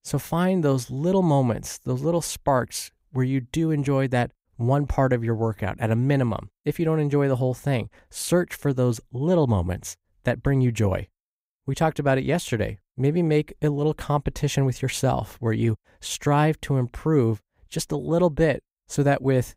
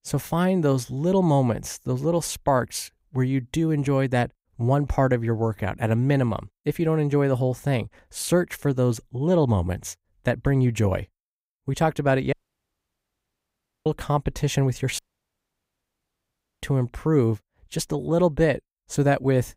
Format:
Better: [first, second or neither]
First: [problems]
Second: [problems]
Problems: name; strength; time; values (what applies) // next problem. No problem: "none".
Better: first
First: none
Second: audio cutting out; at 12 s for 1.5 s and at 15 s for 1.5 s